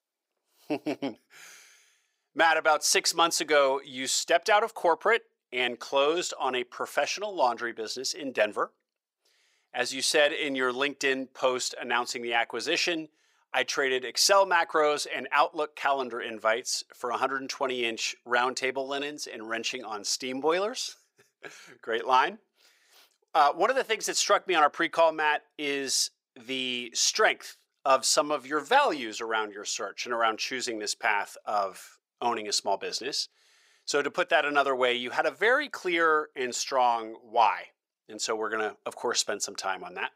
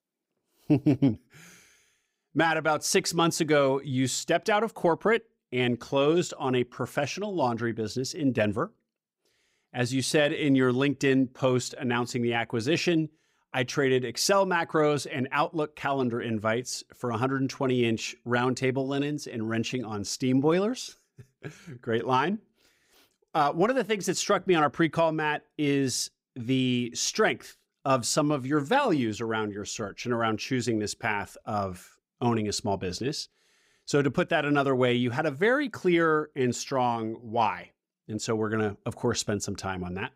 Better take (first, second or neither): second